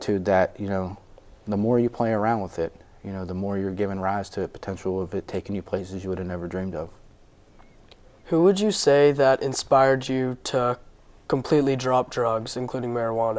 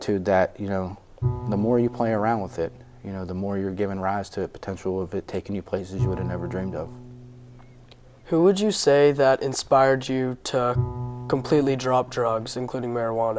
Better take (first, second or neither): first